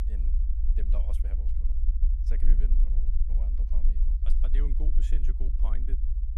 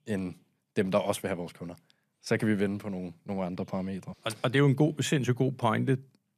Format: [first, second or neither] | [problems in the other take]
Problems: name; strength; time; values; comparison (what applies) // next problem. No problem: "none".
second | low rumble; loud; throughout; 2 dB below the speech